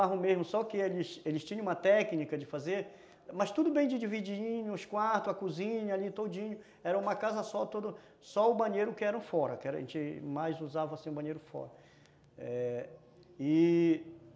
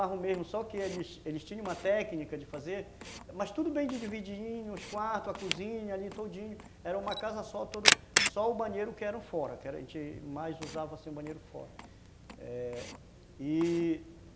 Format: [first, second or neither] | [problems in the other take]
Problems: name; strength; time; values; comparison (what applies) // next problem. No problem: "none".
first | background sound (Camera); 3 dB below the speech